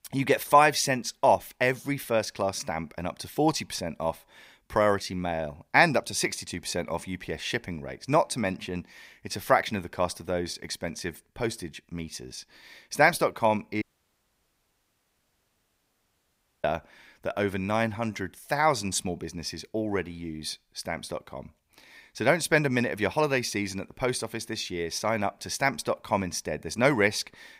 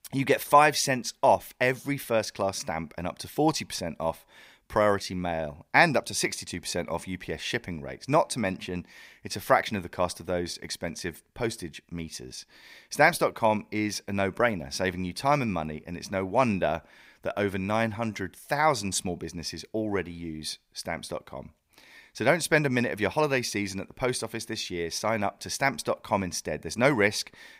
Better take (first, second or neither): second